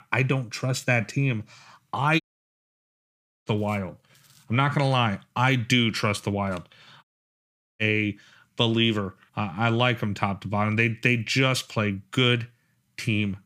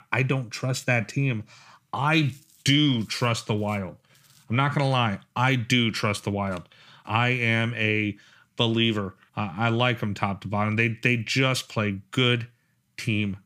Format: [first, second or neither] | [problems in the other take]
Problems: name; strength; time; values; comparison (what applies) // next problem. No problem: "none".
second | audio cutting out; at 2 s for 1.5 s and at 7 s for 1 s